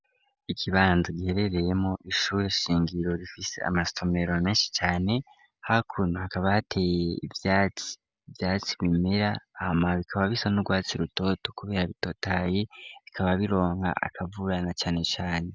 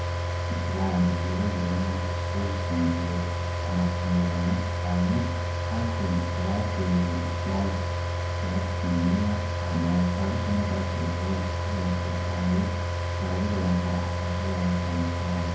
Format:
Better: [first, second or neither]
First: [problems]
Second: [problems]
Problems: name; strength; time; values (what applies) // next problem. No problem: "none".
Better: first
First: none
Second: background sound (Car); 1 dB above the speech // room echo; dies away in 0.9 s